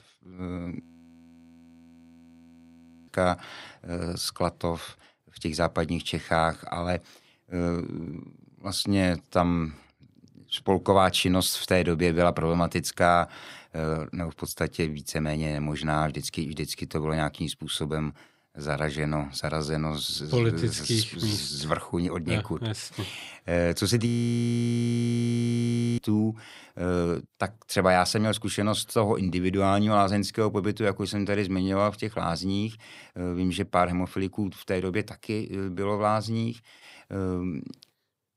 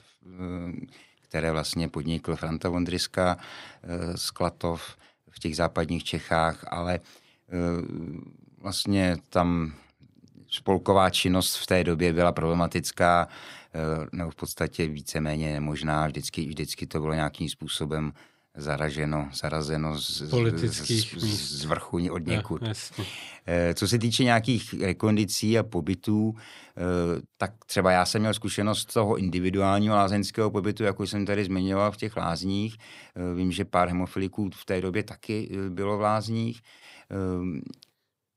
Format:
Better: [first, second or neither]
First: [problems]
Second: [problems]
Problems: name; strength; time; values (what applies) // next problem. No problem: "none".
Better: second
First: audio freezing; at 1 s for 2.5 s and at 24 s for 2 s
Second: none